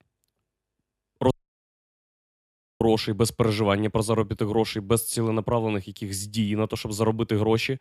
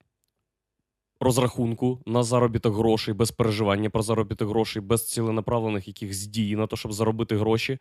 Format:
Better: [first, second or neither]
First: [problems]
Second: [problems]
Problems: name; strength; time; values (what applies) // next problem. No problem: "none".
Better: second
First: audio cutting out; at 1.5 s for 1.5 s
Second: none